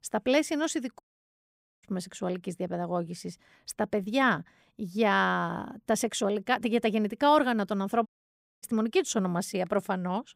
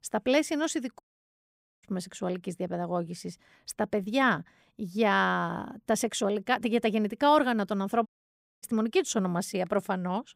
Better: neither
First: audio cutting out; at 1 s for 1 s and at 8 s for 0.5 s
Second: audio cutting out; at 1 s for 1 s and at 8 s for 0.5 s

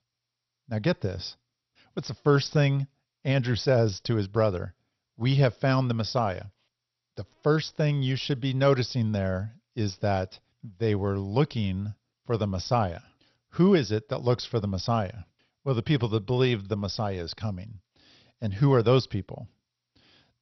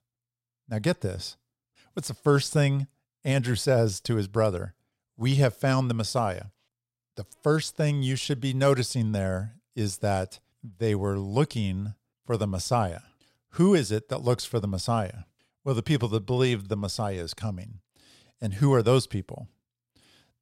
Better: second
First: garbled, watery; slightly; nothing above 6 kHz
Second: none

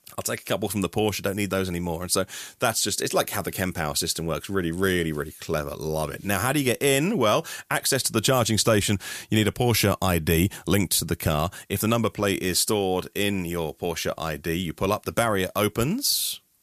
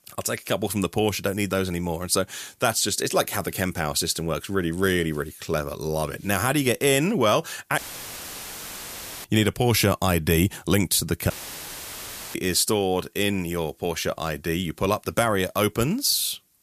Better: first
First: none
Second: audio cutting out; filled with static; at 8 s for 1.5 s and at 11 s for 1 s

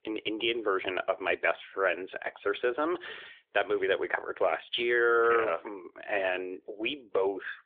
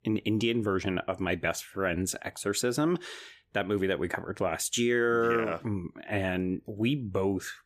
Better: second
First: phone-call audio; nothing above 3.5 kHz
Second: none

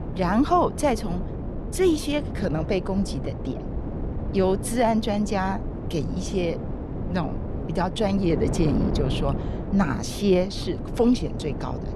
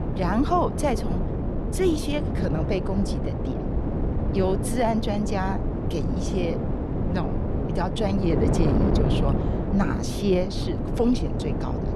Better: first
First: wind noise on the microphone; occasional gusts; 10 dB below the speech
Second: wind noise on the microphone; heavy; 4 dB below the speech

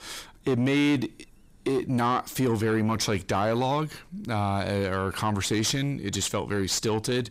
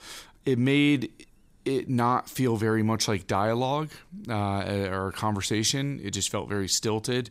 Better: second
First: distortion; slight; 10 dB below the speech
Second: none

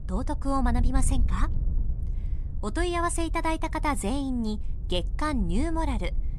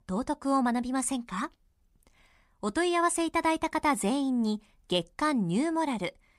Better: second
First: wind noise on the microphone; occasional gusts; 20 dB below the speech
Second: none

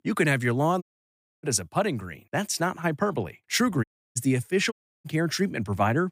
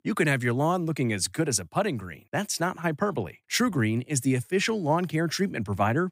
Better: second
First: audio cutting out; at 1 s for 0.5 s, at 4 s and at 4.5 s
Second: none

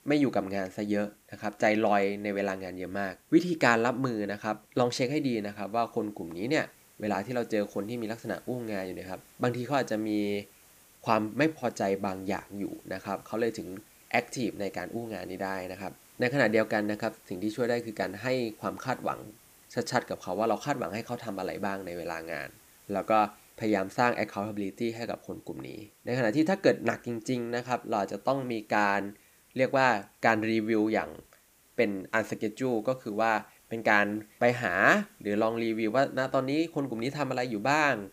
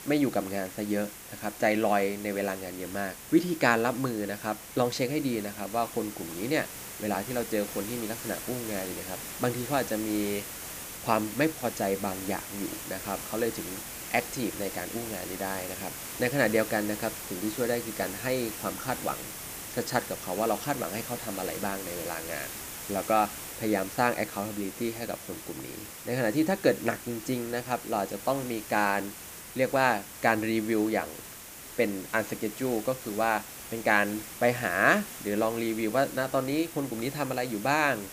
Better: first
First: hiss; faint; throughout; 25 dB below the speech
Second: hiss; loud; throughout; 9 dB below the speech

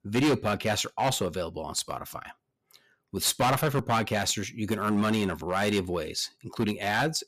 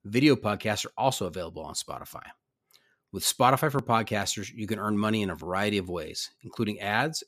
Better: second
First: distortion; heavy; 6% of the sound clipped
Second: none

